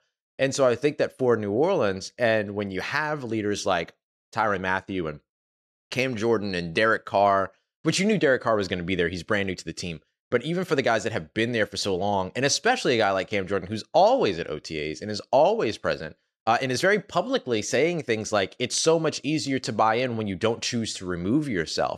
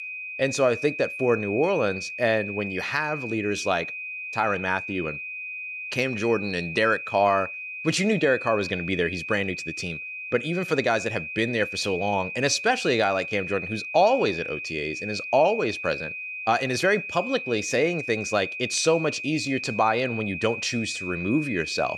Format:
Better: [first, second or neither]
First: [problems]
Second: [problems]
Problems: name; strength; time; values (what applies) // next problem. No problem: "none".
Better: first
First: none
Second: high-pitched whine; loud; throughout; 2.5 kHz, 7 dB below the speech